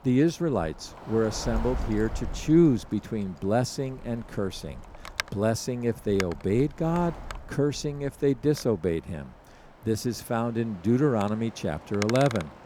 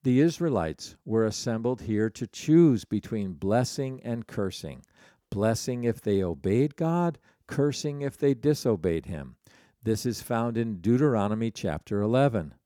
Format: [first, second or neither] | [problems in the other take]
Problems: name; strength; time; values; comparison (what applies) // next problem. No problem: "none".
second | wind noise on the microphone; occasional gusts; 10 dB below the speech